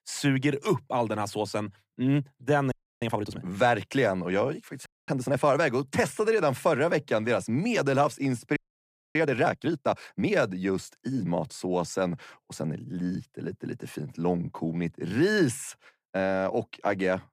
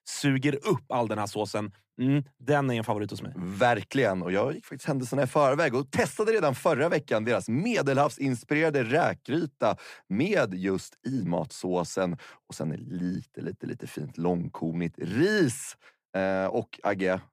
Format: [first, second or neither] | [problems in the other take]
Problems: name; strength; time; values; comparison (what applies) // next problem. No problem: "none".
second | audio freezing; at 2.5 s, at 5 s and at 8.5 s for 0.5 s